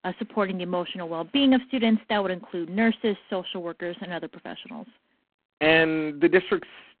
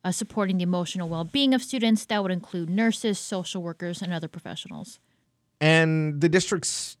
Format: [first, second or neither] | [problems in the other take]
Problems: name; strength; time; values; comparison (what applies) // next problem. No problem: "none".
second | phone-call audio; poor line